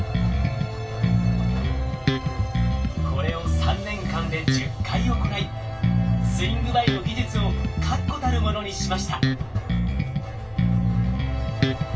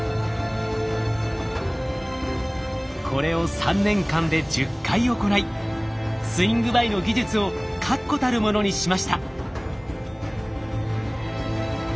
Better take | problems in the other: second | background sound (Bass guitar); 4 dB above the speech // room echo; dies away in 0.2 s

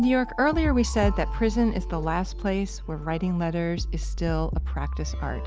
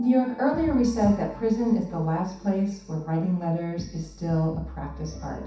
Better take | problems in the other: first | room echo; dies away in 0.7 s

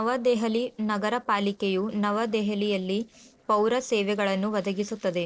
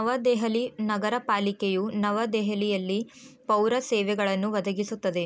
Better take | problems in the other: second | noise reduction (neural separator model SepFormer DNS4)

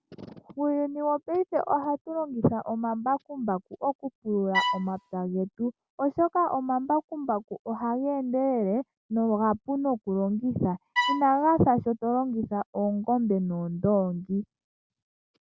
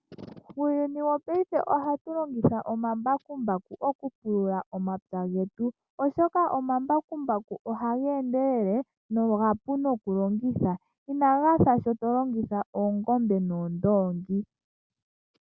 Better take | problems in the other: second | background sound (Bowed string instrument); 2 dB below the speech

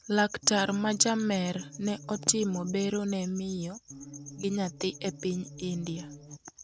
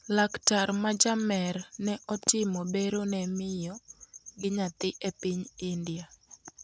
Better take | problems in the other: second | background sound (Musical instrument); 16 dB below the speech

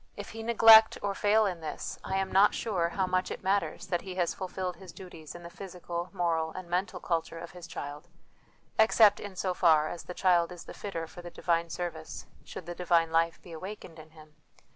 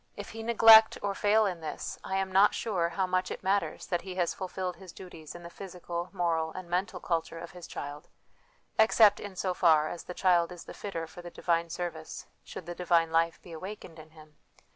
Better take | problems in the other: second | background sound (Thunder / Wind / Bird vocalization, bird call, bird song); 18 dB below the speech

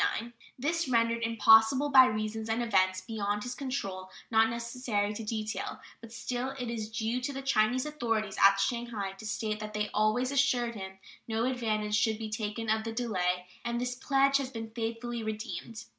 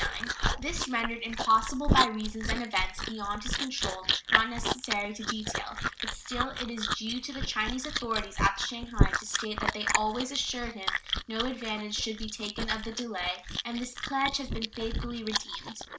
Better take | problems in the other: first | noise reduction (neural mask model Resemble Enhance denoiser)

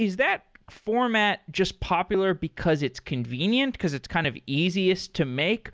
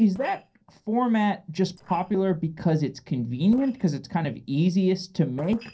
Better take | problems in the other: first | noise reduction (neural separator model SepFormer DNS4)

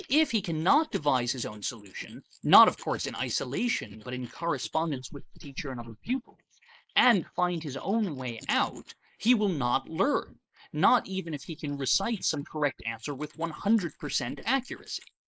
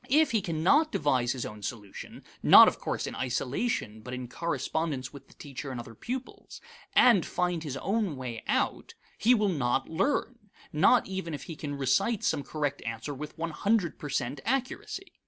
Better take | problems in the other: second | noise reduction (neural mask model Resemble Enhance denoiser)

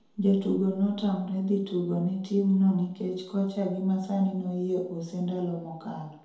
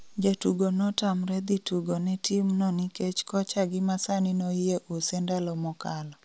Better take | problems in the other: second | room echo; dies away in 2 s

